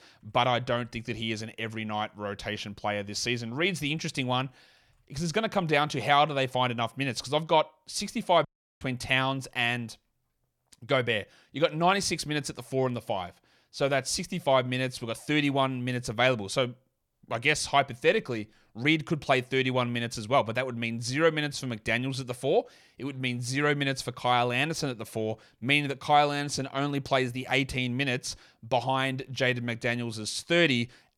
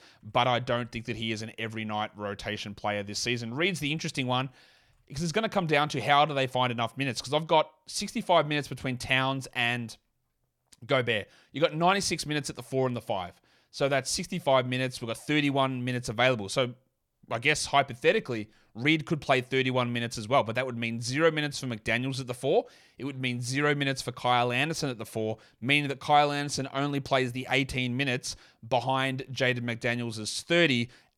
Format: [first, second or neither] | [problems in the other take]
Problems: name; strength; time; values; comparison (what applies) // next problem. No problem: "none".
second | audio cutting out; at 8.5 s